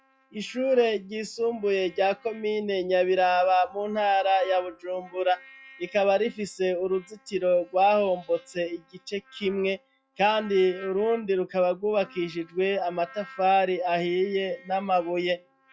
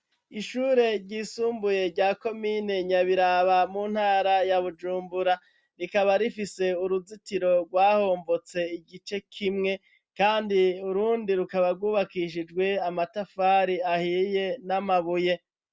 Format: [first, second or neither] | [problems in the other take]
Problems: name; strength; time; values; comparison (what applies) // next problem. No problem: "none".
second | noise reduction (classical method log-MMSE)